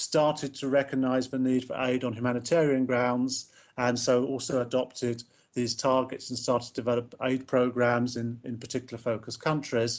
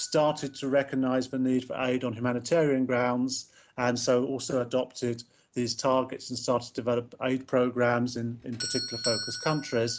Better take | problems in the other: first | background sound (Doorbell); 15 dB below the speech

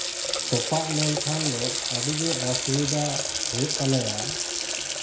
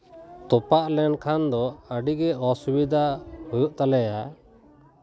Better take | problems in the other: second | background sound (Water tap, faucet); 1 dB above the speech // room echo; dies away in 0.5 s

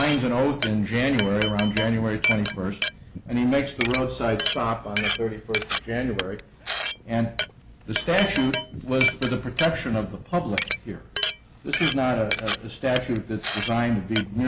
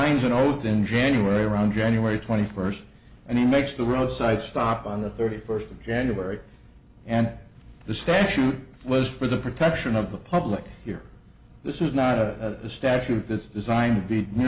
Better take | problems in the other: second | background sound (Glass); 6 dB below the speech

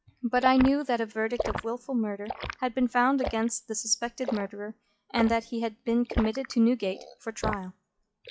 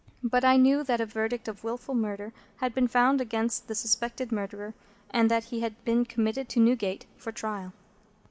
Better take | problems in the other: second | noise reduction (classical method log-MMSE)

